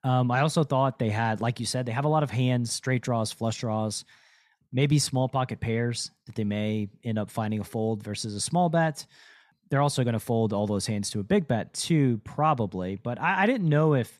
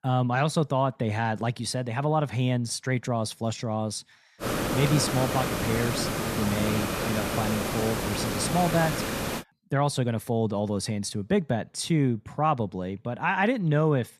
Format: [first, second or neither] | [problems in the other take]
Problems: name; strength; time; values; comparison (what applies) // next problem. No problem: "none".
first | hiss; loud; from 4.5 to 9.5 s; 2 dB below the speech